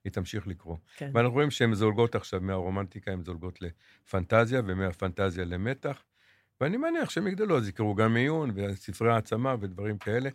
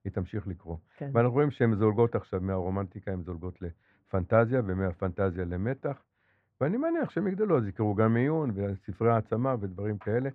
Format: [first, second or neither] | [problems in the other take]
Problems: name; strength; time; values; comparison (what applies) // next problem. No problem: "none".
first | muffled; very; fading above 3.5 kHz